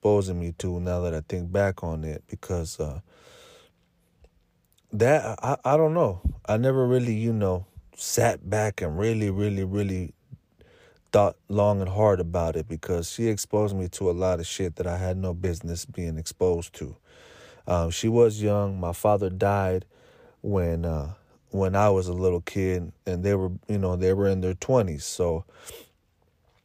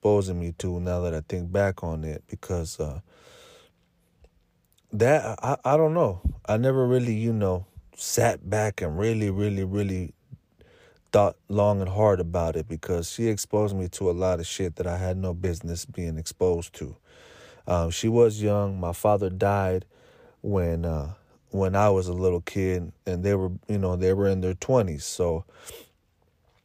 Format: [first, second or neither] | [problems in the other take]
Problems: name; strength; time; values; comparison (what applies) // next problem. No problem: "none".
neither | none